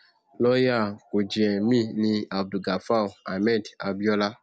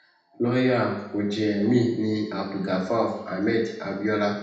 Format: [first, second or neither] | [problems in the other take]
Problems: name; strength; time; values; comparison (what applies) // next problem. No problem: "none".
first | room echo; dies away in 0.9 s